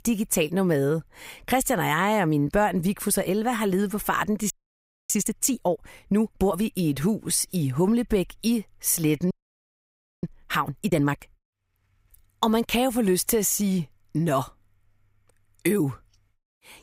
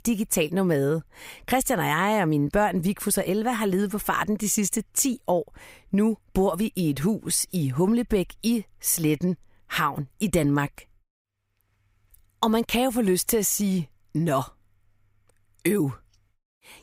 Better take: second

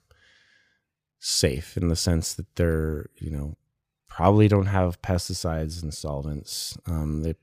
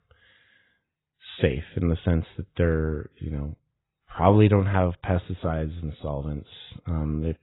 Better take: first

